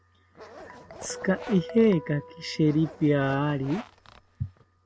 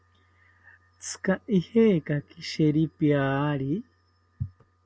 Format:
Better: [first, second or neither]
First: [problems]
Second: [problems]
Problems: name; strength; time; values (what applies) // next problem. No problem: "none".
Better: second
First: background sound (Guitar + Zipper (clothing)); 16 dB below the speech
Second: none